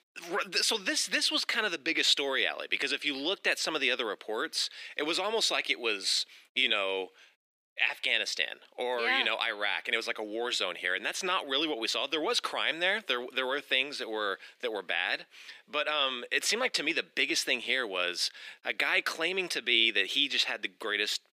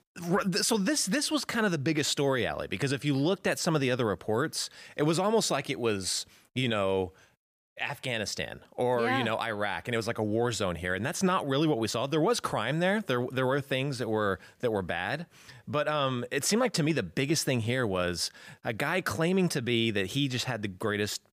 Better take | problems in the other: second | thin; somewhat; fading below 300 Hz

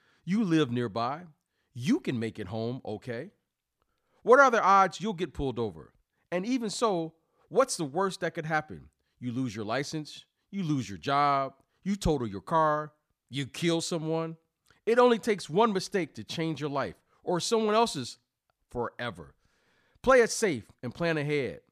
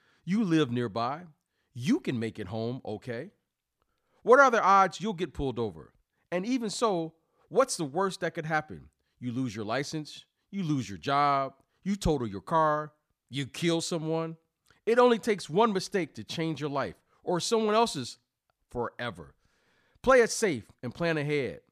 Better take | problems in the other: neither | none

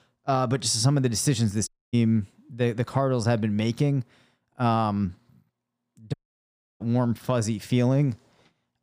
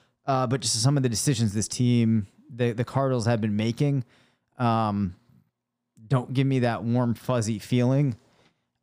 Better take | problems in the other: second | audio cutting out; at 1.5 s and at 6 s for 0.5 s

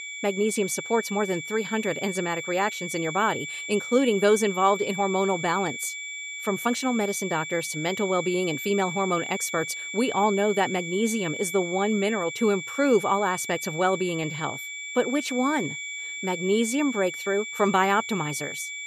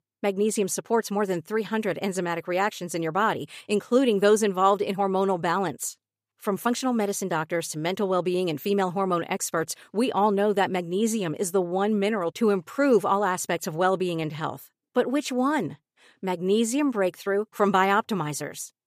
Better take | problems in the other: second | high-pitched whine; loud; throughout; 2.5 kHz, 7 dB below the speech

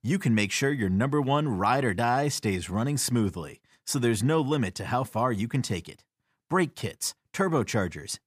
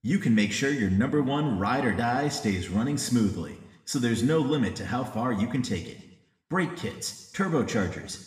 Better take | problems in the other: first | room echo; slight; dies away in 1 s

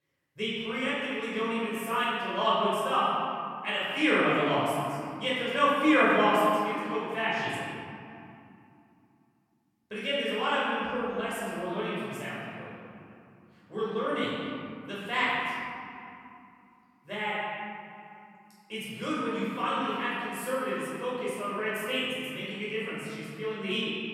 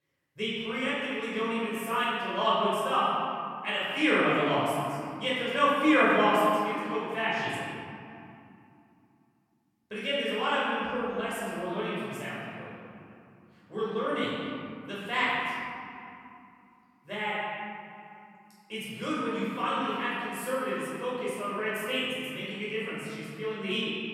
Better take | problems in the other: neither | off-mic speech; far; the same in both // room echo; strong; dies away in 2.7 s; the same in both

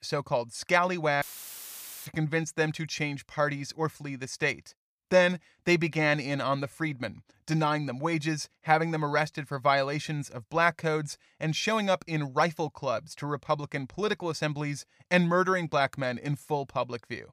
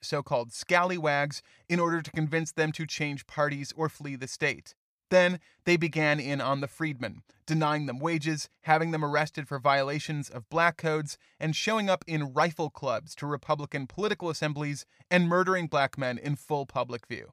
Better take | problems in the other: second | audio cutting out; filled with static; at 1 s for 1 s

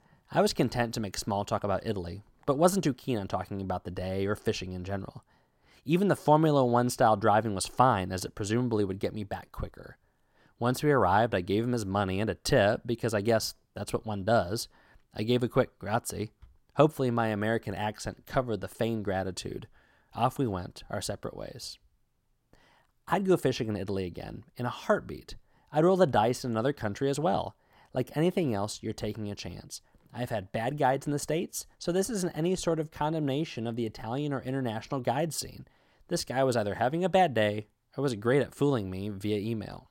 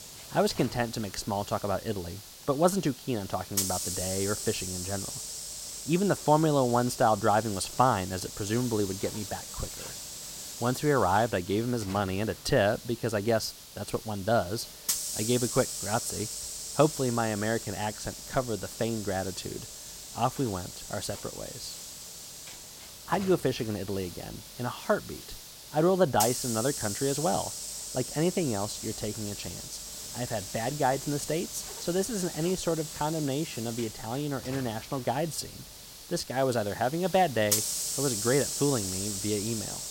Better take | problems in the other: first | hiss; loud; throughout; 6 dB below the speech

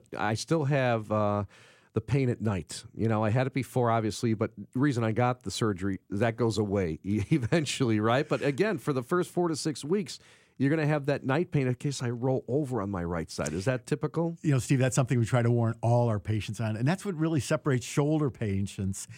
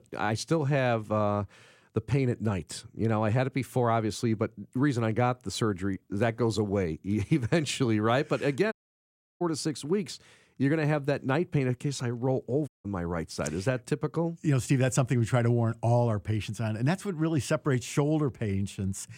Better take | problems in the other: first | audio cutting out; at 8.5 s for 0.5 s and at 13 s

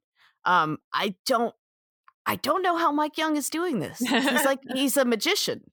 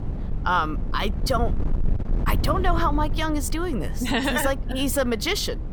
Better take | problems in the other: first | wind noise on the microphone; occasional gusts; 15 dB below the speech

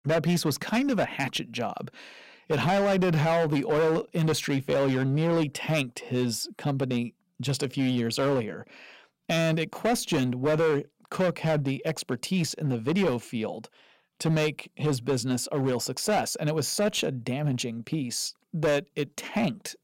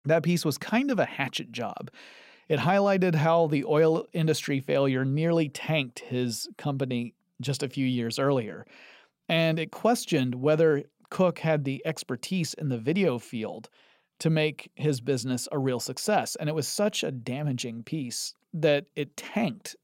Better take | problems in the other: second | distortion; slight; 12% of the sound clipped

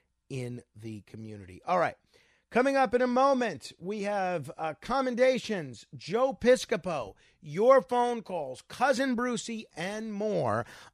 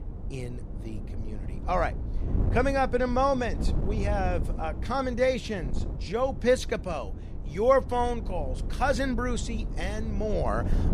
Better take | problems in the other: first | wind noise on the microphone; occasional gusts; 15 dB below the speech

